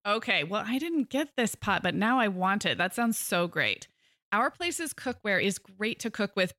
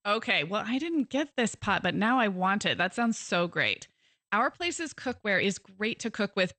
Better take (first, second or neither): first